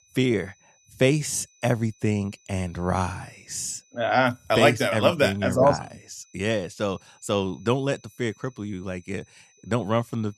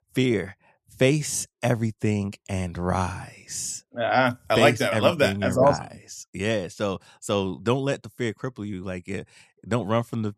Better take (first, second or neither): second